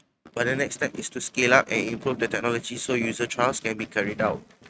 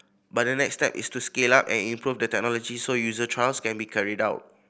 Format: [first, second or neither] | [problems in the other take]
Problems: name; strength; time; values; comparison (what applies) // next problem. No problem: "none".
second | noise reduction (neural mask model RNNoise)